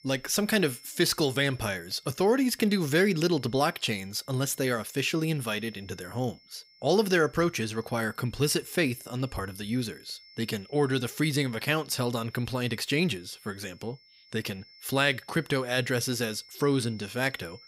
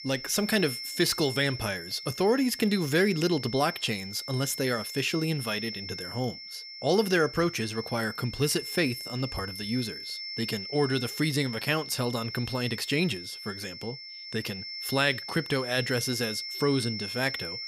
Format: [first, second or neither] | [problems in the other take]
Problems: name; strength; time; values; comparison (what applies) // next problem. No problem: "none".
first | high-pitched whine; loud; throughout; 5.5 kHz, 8 dB below the speech; faint in the first